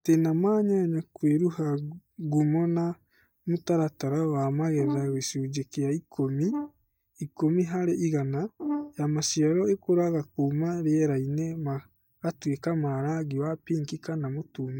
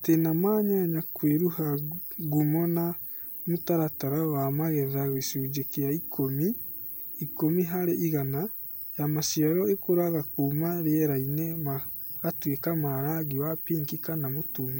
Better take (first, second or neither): second